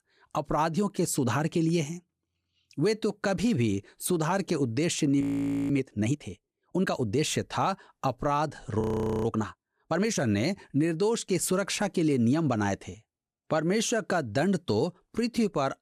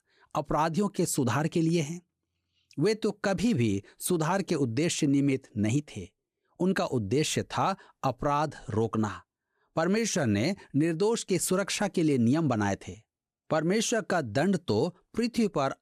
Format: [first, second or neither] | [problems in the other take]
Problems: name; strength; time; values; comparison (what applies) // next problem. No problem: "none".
second | audio freezing; at 5 s and at 9 s